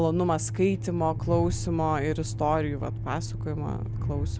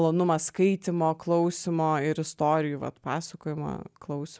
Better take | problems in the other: second | background sound (Train + Organ); 3 dB below the speech

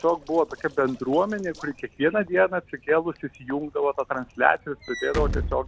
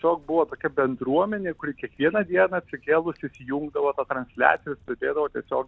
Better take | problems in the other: second | background sound (Walk, footsteps / Slam); 11 dB below the speech

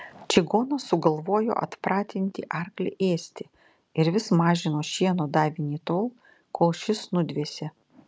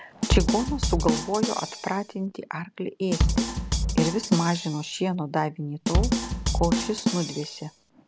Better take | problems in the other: first | background sound (Drum kit); 2 dB above the speech

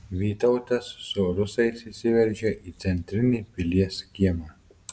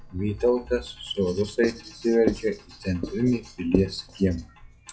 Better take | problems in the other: first | noise reduction (classical method log-MMSE)

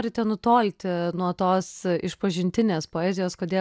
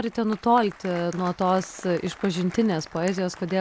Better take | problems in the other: first | background sound (Applause); 18 dB below the speech

